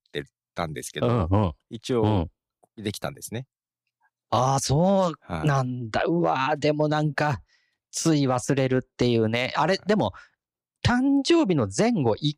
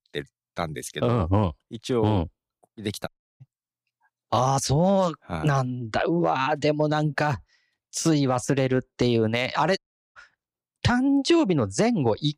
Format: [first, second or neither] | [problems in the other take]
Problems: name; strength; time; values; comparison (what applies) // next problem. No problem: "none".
first | audio cutting out; at 3 s and at 10 s